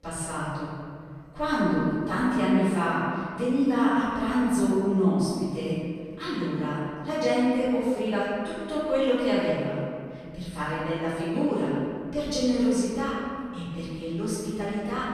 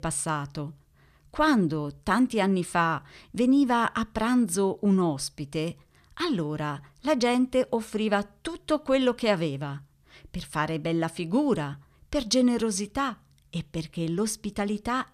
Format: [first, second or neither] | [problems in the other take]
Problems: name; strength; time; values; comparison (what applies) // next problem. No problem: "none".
second | off-mic speech; far // room echo; strong; dies away in 2.1 s